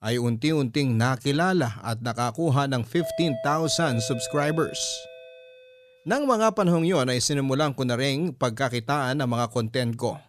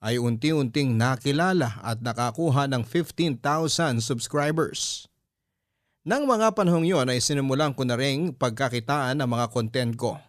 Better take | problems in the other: second | doorbell; noticeable; from 3 to 5.5 s; peak 8 dB below the speech

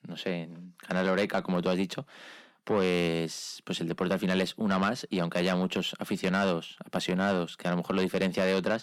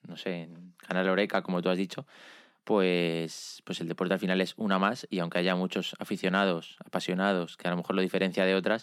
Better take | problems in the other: second | distortion; slight; 10 dB below the speech

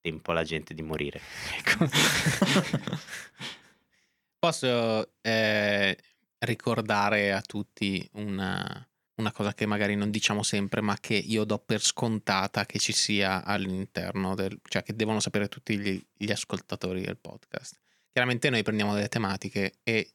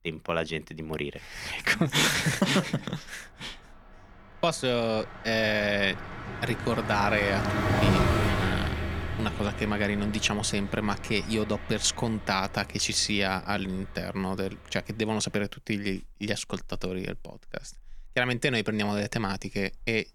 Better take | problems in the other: first | traffic noise; loud; throughout; 3 dB below the speech

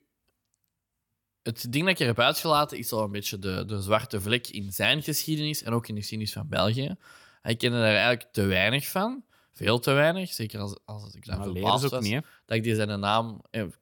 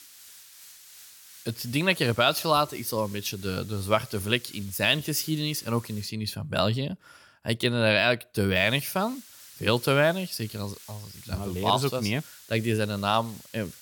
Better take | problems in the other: first | hiss; noticeable; until 6 s and from 8.5 s on; 20 dB below the speech

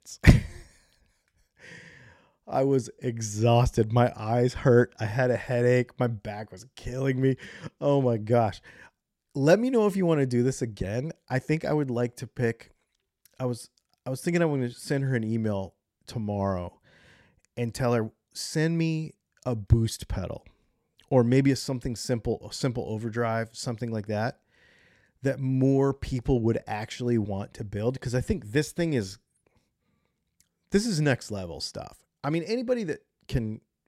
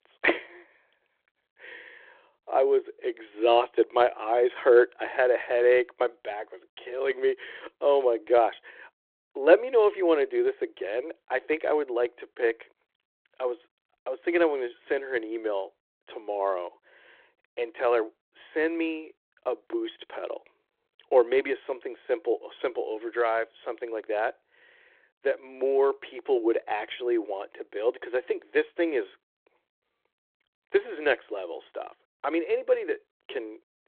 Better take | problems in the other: first | phone-call audio

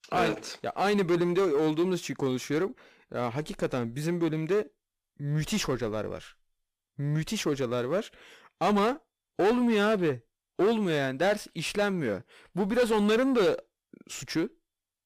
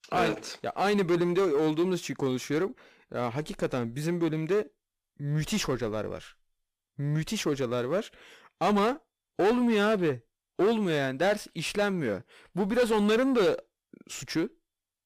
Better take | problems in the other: neither | distortion; heavy; 7 dB below the speech; the same in both

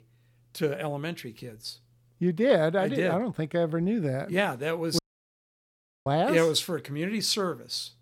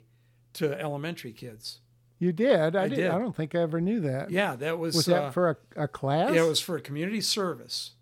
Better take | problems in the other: second | audio cutting out; at 5 s for 1 s

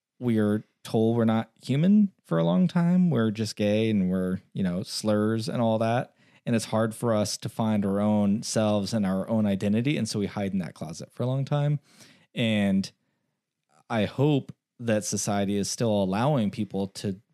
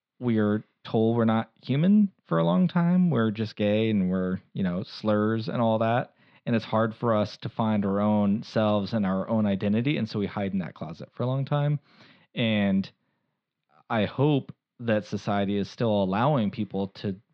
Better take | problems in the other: first | muffled; slightly; fading above 4 kHz

